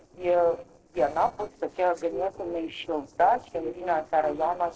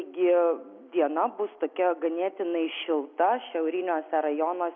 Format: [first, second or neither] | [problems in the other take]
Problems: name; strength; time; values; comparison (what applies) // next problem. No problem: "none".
second | noise reduction (neural separator model SepFormer DNS4)